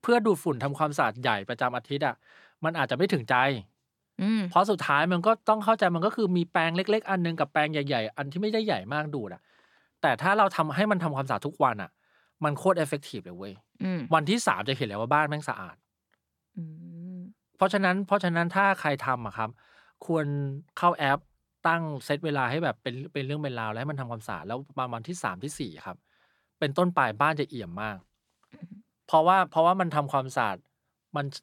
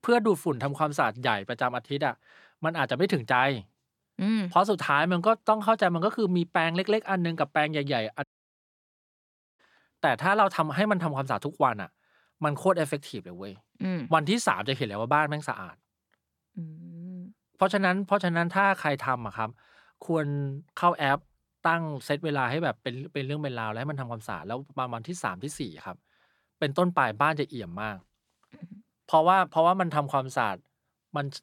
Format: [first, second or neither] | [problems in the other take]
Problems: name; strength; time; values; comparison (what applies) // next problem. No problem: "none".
first | audio cutting out; at 8 s for 1.5 s